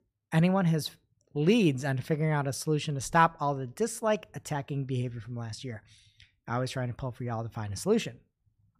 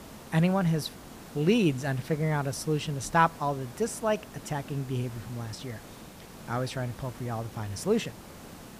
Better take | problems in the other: first | hiss; noticeable; throughout; 15 dB below the speech

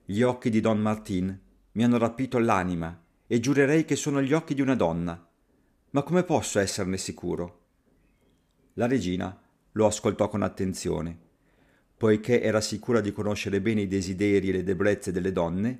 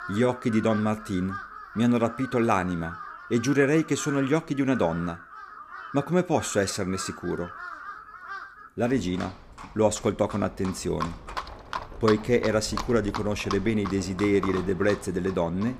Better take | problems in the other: first | animal sounds; noticeable; throughout; 15 dB below the speech

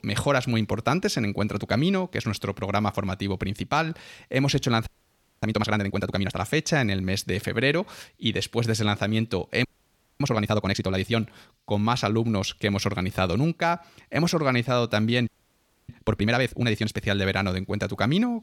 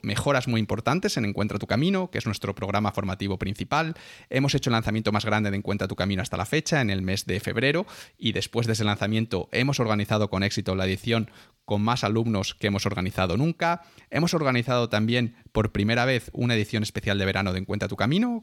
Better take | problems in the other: second | audio freezing; at 5 s for 0.5 s, at 9.5 s for 0.5 s and at 15 s for 0.5 s

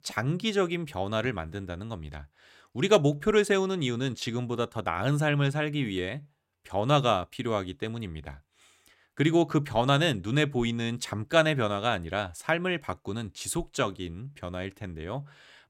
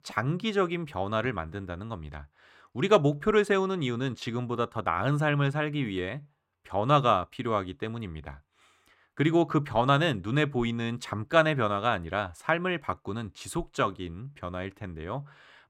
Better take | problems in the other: first | muffled; slightly; fading above 3.5 kHz

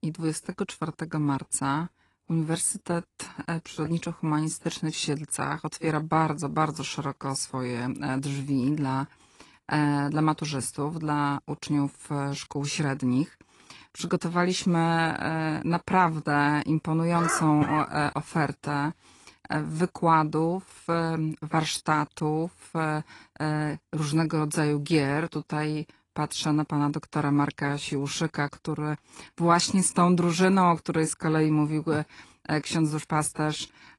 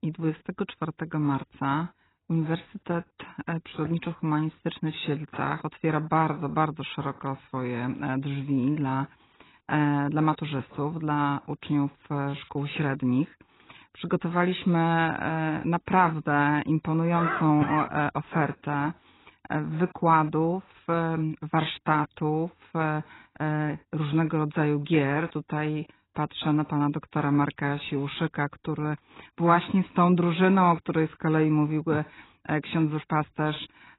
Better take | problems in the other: first | garbled, watery; badly; nothing above 4 kHz; slightly in the first

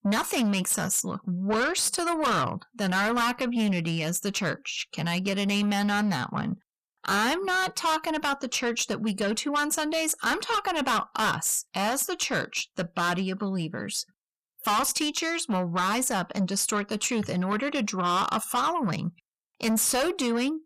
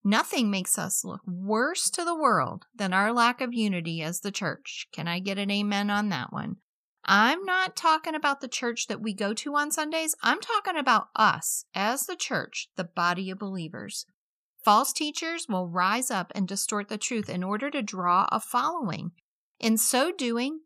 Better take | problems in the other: second | distortion; heavy; 6 dB below the speech

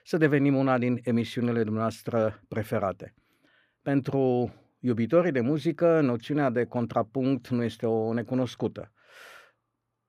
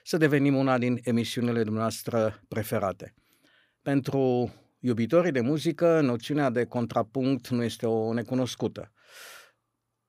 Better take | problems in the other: second | muffled; slightly; fading above 3.5 kHz

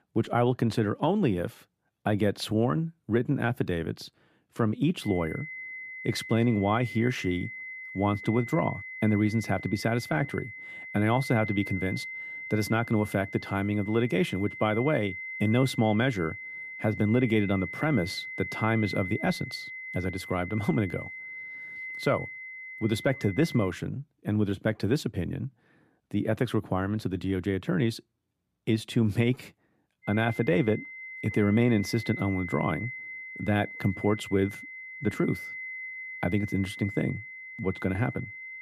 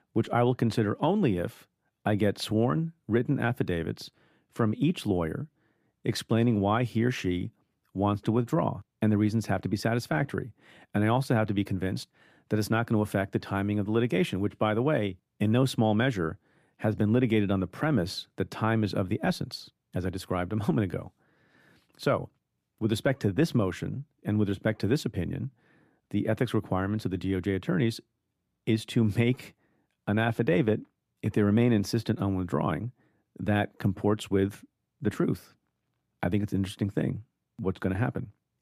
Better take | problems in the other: second | high-pitched whine; loud; from 5 to 24 s and from 30 s on; 2 kHz, 10 dB below the speech

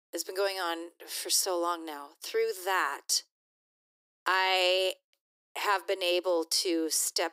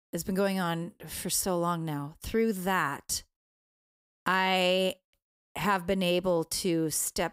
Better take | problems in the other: second | thin; very; fading below 350 Hz

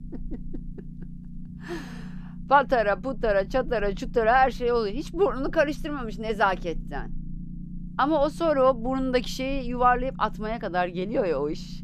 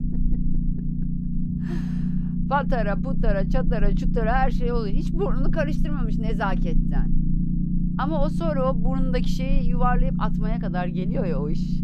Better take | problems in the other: first | low rumble; loud; throughout; 7 dB below the speech; faint in the first

